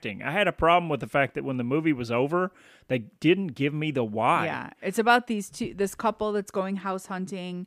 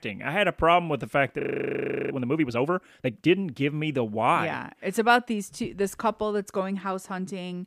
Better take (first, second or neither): first